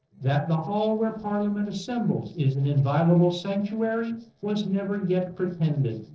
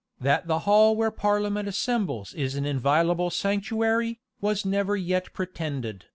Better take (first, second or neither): second